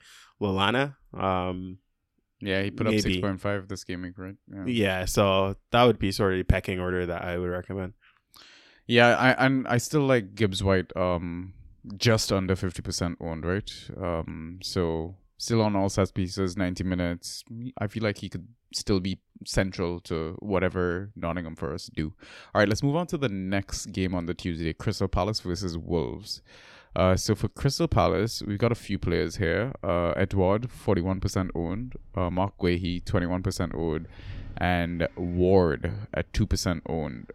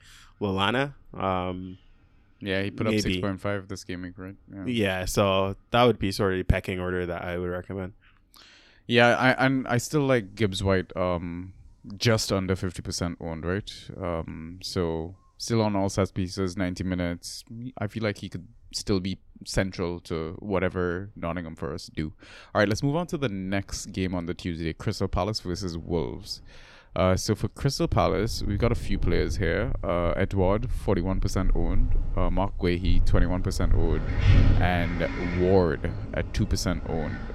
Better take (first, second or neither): first